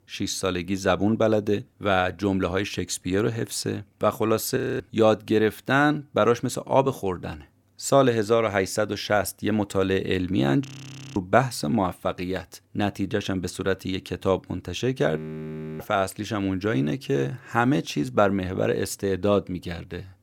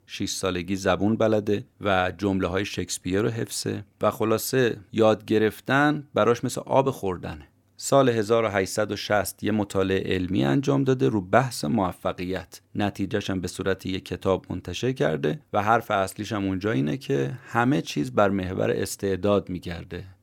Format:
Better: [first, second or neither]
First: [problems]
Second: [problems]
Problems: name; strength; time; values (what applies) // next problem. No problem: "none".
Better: second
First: audio freezing; at 4.5 s, at 11 s for 0.5 s and at 15 s for 0.5 s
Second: none